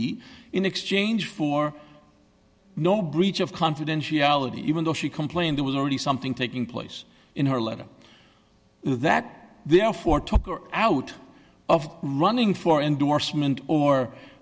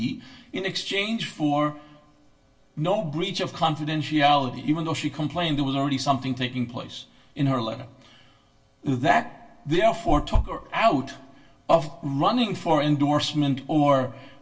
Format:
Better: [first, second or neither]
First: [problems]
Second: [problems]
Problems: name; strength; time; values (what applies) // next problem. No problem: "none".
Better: first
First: none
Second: room echo; dies away in 0.2 s